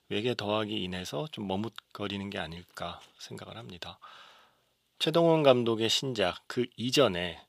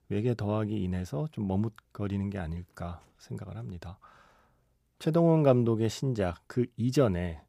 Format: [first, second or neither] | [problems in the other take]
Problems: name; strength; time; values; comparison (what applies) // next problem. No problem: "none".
second | thin; somewhat; fading below 600 Hz